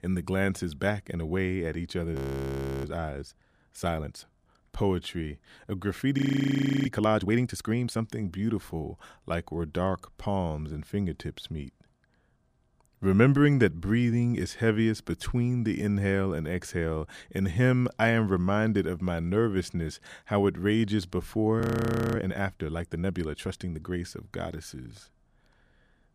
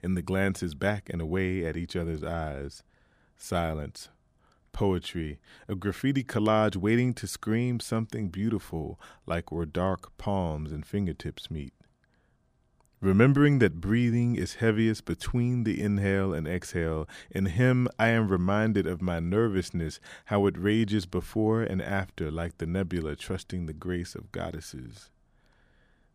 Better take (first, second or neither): second